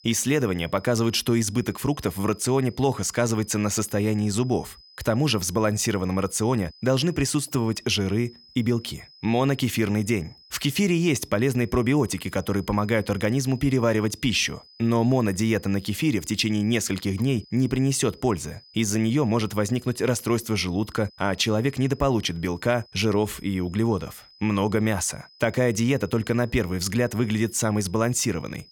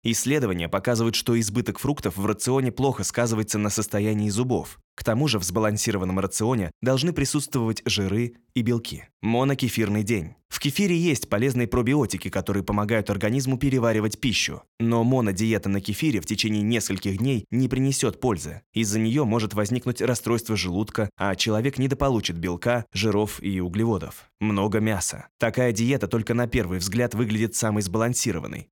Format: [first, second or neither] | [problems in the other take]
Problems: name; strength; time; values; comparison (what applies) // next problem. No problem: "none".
second | high-pitched whine; faint; throughout; 5 kHz, 25 dB below the speech